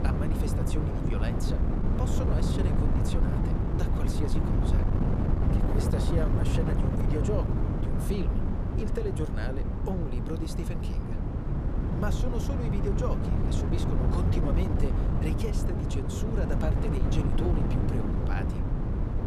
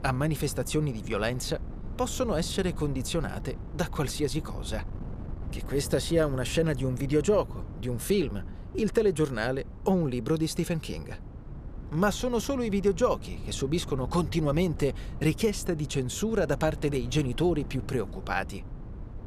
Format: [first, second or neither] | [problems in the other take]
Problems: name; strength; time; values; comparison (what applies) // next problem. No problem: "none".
second | wind noise on the microphone; heavy; 2 dB above the speech; occasional gusts in the second